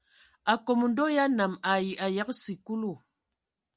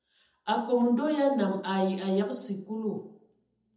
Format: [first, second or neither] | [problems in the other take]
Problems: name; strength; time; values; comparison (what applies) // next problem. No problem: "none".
first | room echo; dies away in 0.7 s